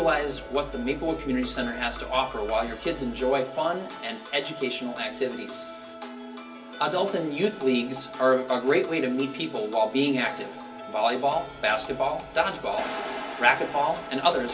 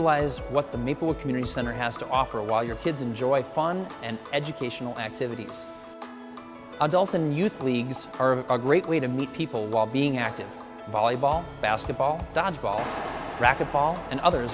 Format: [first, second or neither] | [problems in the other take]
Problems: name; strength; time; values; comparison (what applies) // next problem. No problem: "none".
second | room echo; dies away in 0.3 s